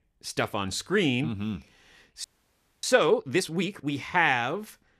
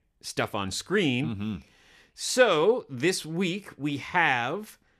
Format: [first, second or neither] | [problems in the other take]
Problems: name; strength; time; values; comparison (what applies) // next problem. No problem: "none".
second | audio freezing; at 2 s for 0.5 s